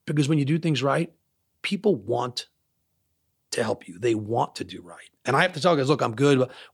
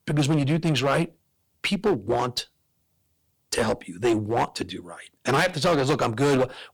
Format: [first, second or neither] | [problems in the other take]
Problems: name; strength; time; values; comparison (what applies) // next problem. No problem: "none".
first | distortion; heavy; 10% of the sound clipped